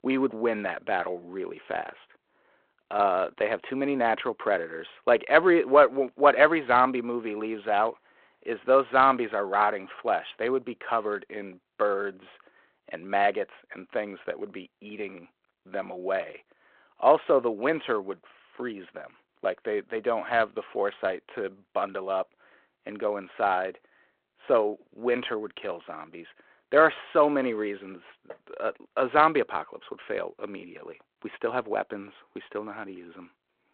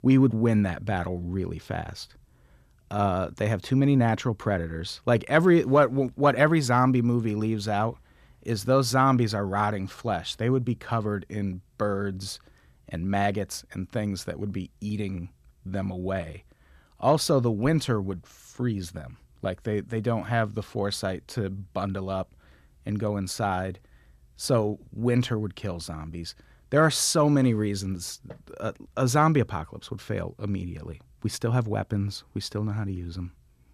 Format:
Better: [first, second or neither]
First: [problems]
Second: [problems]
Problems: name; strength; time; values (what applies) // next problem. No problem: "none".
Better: second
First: phone-call audio; nothing above 4 kHz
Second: none